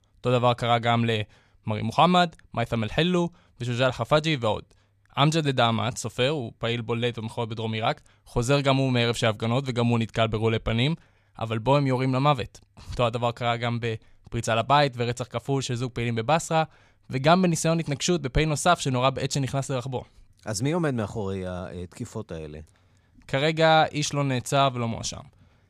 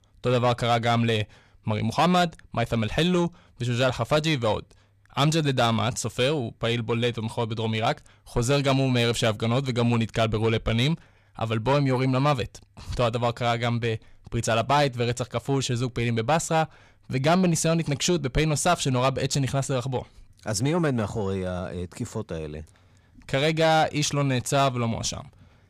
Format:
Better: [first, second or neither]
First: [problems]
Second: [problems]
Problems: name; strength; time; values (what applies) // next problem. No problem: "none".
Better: first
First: none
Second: distortion; slight; 10 dB below the speech